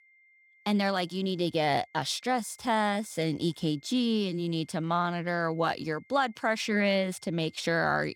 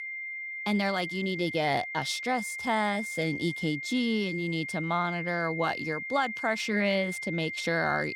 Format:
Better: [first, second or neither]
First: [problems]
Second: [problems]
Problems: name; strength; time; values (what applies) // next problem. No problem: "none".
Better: first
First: high-pitched whine; faint; throughout; 2 kHz, 30 dB below the speech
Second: high-pitched whine; loud; throughout; 2 kHz, 5 dB below the speech